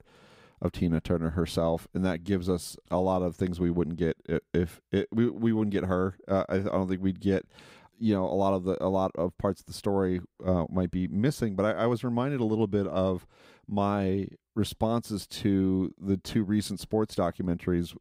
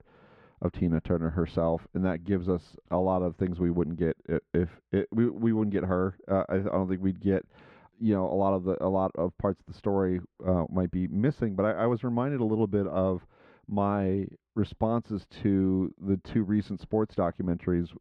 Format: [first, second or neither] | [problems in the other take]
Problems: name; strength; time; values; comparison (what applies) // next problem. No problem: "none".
first | muffled; very; fading above 2 kHz